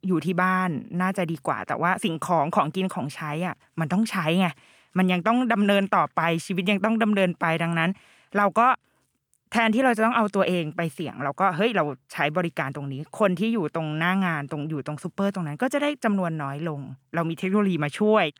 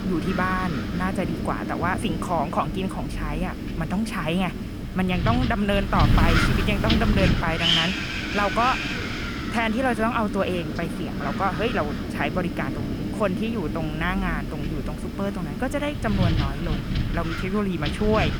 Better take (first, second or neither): first